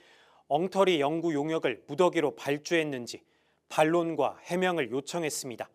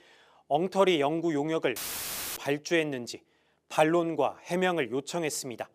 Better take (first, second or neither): first